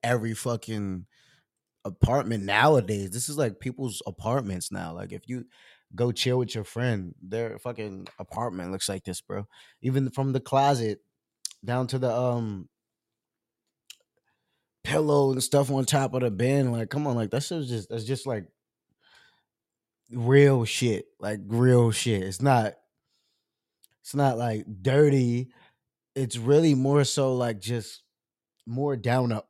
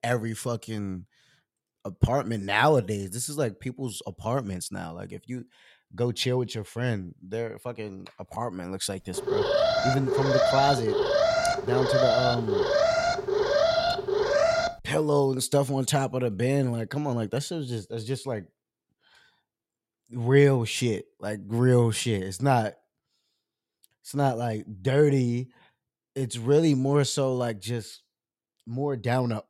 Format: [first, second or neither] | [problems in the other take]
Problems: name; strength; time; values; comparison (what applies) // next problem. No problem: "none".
first | alarm; loud; from 9 to 15 s; peak 4 dB above the speech